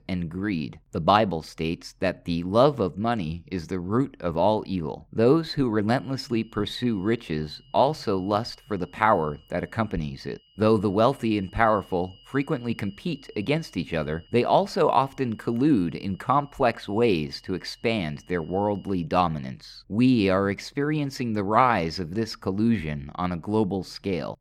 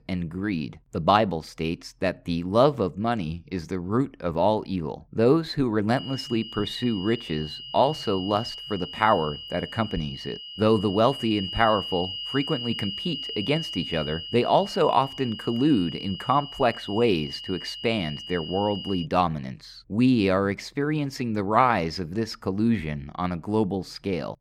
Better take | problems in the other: first | high-pitched whine; loud; from 6 to 19 s; 3 kHz, 9 dB below the speech; faint in the first

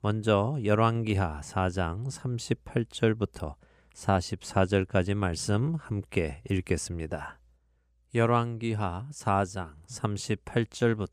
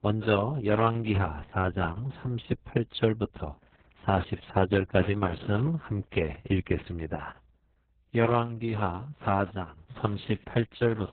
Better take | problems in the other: first | garbled, watery; badly; nothing above 4 kHz

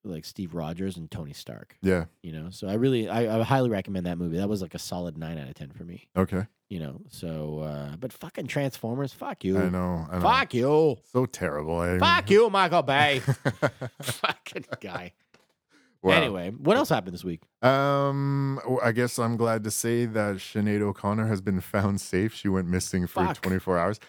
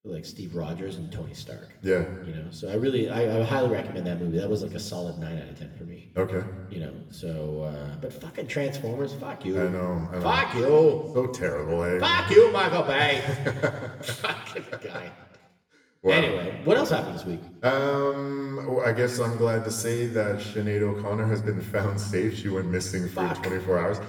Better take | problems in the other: first | room echo; slight; dies away in 1.1 s // off-mic speech; somewhat distant

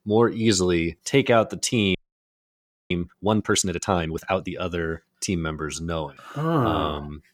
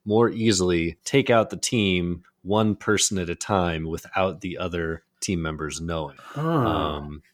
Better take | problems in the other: second | audio freezing; at 2 s for 1 s

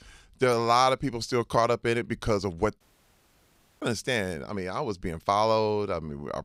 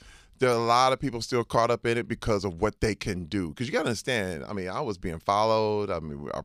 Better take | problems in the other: second | audio cutting out; at 3 s for 1 s

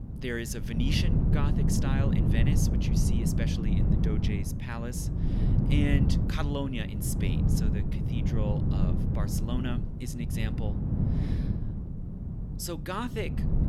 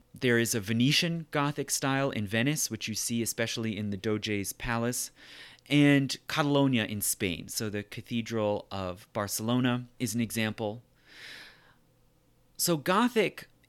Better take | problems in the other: second | wind noise on the microphone; heavy; 1 dB below the speech

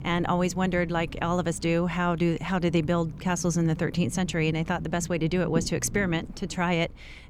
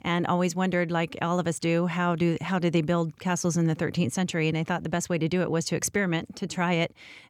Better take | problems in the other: second | low rumble; noticeable; throughout; 20 dB below the speech

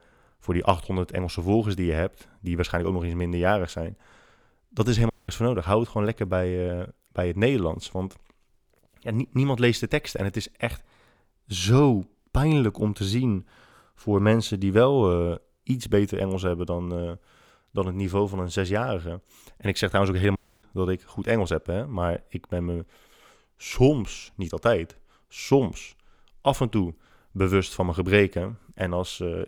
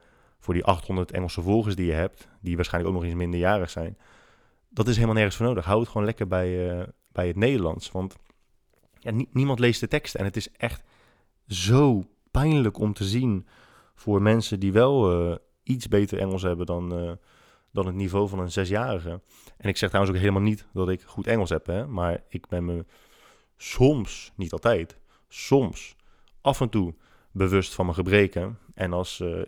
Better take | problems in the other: second | audio cutting out; at 5 s and at 20 s

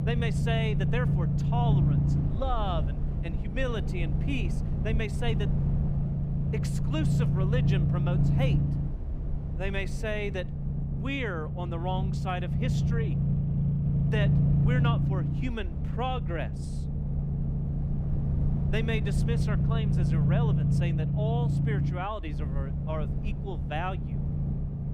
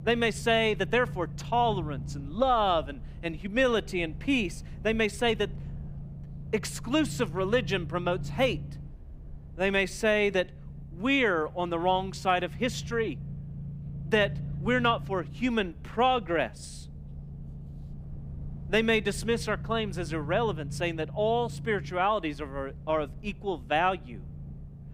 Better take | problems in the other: second | low rumble; loud; throughout; 3 dB below the speech; faint in the second

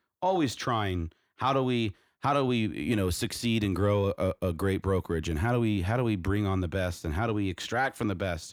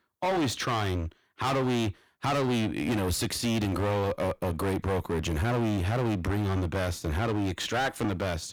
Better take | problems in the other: first | distortion; heavy; 27% of the sound clipped

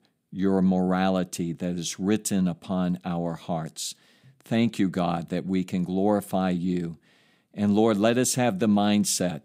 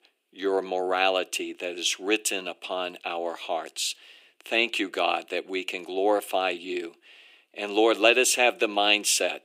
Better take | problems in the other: first | thin; very; fading below 350 Hz

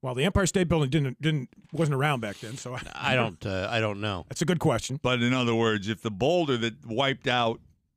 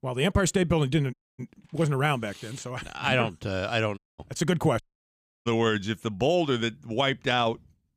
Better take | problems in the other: first | audio cutting out; at 1 s, at 4 s and at 5 s for 0.5 s

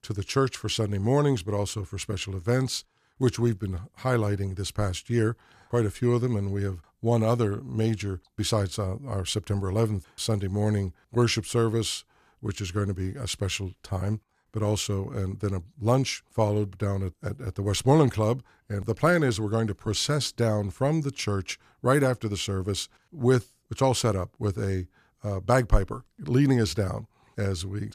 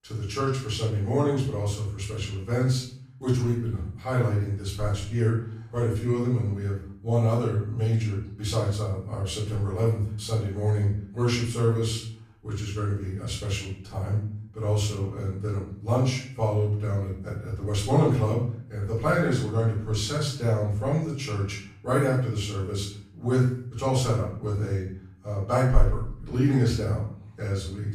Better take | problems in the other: first | room echo; noticeable; dies away in 0.5 s // off-mic speech; far

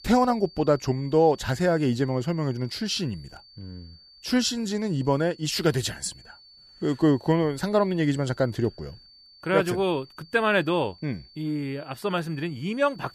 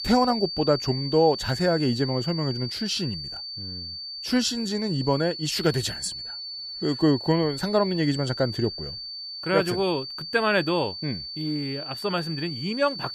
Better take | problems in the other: first | high-pitched whine; loud; throughout; 4.5 kHz, 7 dB below the speech; faint in the first

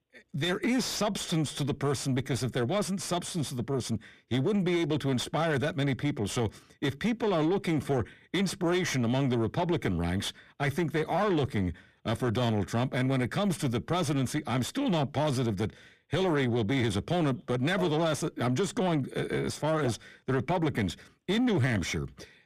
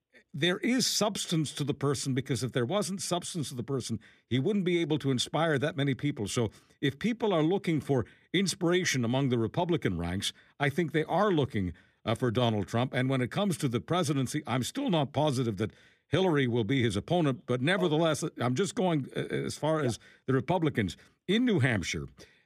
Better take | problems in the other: second | distortion; slight; 10 dB below the speech

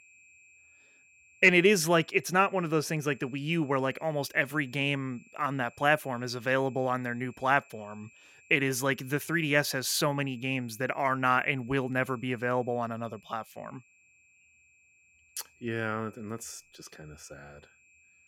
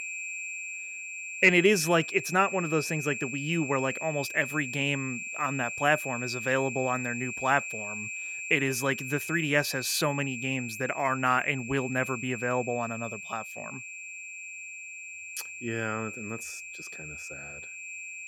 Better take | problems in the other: first | high-pitched whine; loud; throughout; 2.5 kHz, 8 dB below the speech; faint in the first

